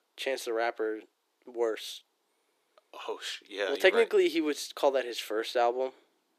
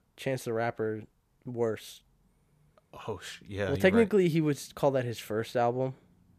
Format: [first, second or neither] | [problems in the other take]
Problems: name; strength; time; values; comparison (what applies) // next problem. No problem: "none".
second | thin; very; fading below 300 Hz